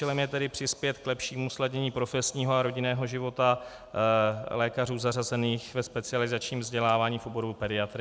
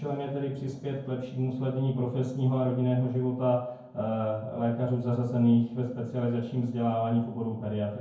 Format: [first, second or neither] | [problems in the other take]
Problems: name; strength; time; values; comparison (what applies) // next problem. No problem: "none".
first | room echo; dies away in 0.9 s